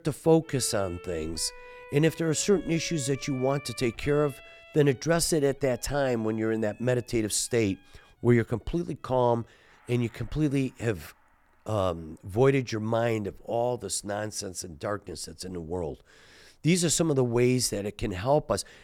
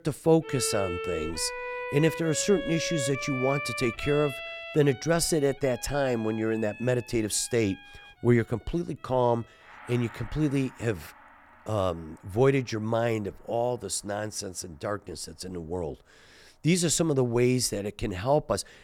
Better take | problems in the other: first | background music; loud; throughout; 9 dB below the speech; faint in the first

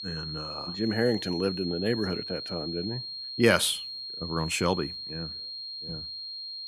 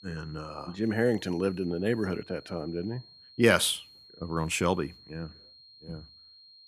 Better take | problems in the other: second | high-pitched whine; loud; throughout; 4 kHz, 6 dB below the speech; faint in the second

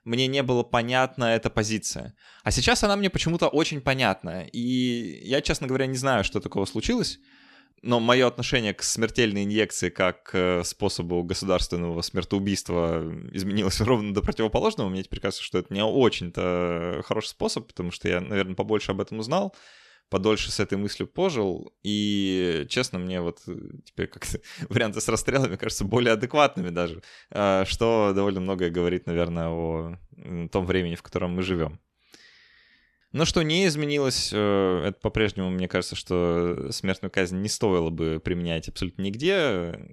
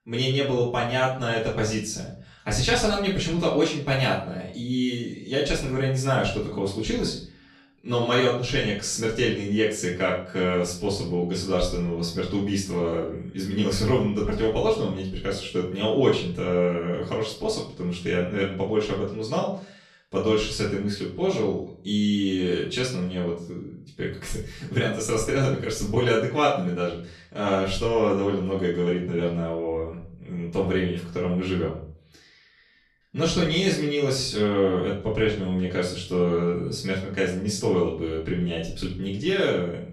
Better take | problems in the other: first | off-mic speech; far // room echo; slight; dies away in 0.4 s

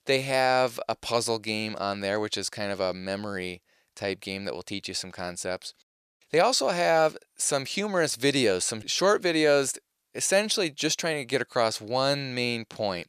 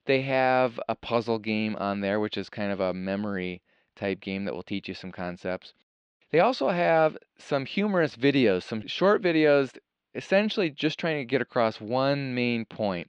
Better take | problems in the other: first | muffled; slightly; fading above 3 kHz

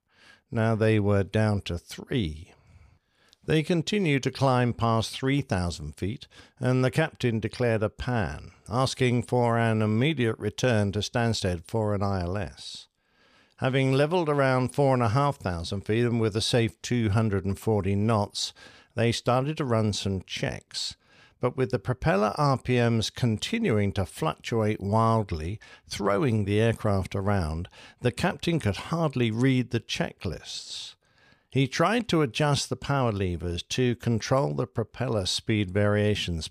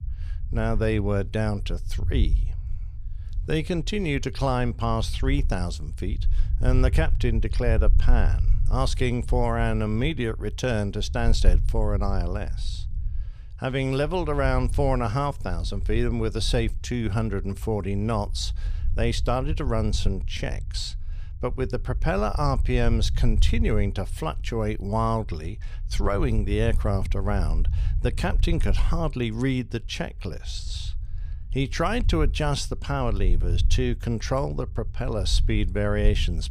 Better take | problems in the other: first | low rumble; noticeable; throughout; 20 dB below the speech

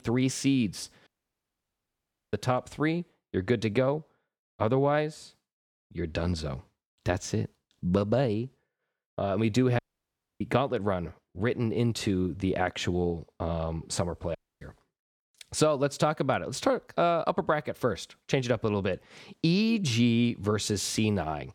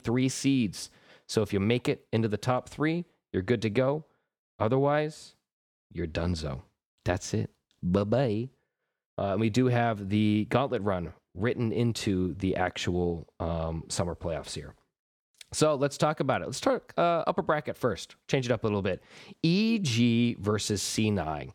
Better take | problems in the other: second | audio cutting out; at 1 s for 1.5 s, at 10 s for 0.5 s and at 14 s

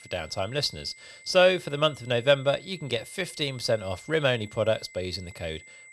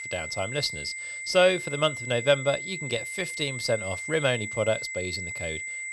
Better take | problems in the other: first | high-pitched whine; loud; throughout; 2 kHz, 6 dB below the speech; faint in the first

